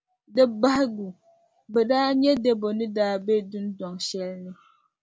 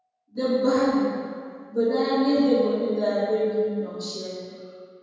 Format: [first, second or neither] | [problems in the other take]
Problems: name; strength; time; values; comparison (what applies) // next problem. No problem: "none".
first | room echo; dies away in 1.9 s